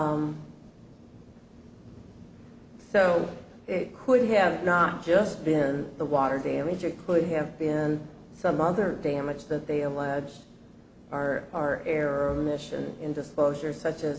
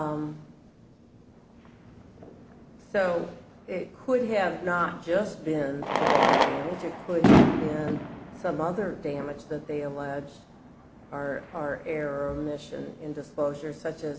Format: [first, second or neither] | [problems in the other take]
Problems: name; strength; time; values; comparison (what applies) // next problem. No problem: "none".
first | background sound (Fireworks); 1 dB above the speech